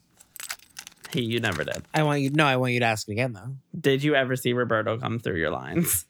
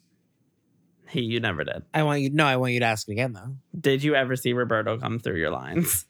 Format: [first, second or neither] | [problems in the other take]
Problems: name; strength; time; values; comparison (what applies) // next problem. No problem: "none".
second | jangling keys; faint; until 2.5 s; peak 10 dB below the speech